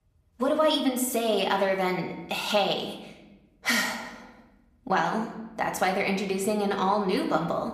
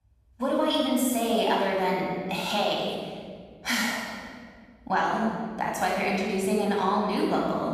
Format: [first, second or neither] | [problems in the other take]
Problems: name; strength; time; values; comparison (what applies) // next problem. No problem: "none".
first | room echo; strong; dies away in 1.9 s; slight in the first // off-mic speech; far; somewhat distant in the first